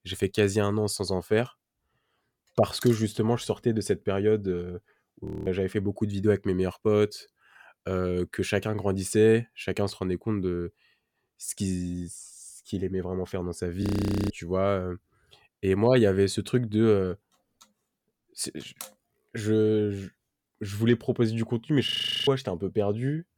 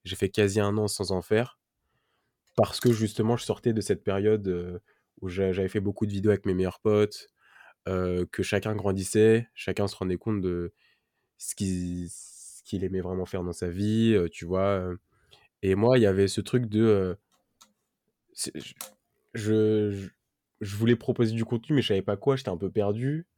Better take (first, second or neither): second